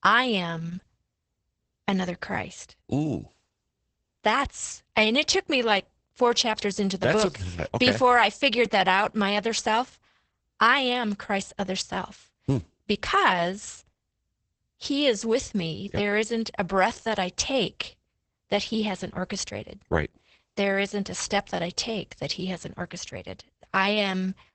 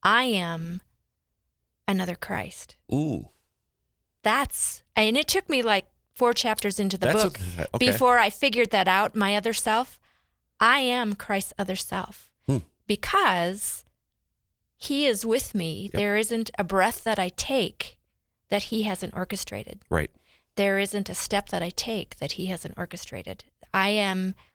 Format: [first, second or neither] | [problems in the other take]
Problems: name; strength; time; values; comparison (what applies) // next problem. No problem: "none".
second | garbled, watery; badly; nothing above 8 kHz; slightly in the second